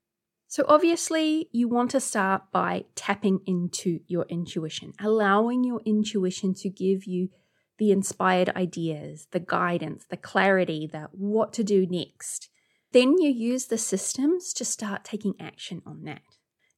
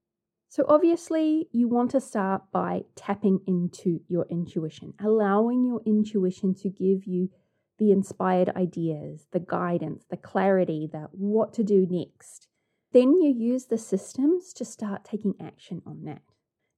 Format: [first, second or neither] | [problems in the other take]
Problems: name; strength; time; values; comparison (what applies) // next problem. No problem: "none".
first | muffled; slightly; fading above 1 kHz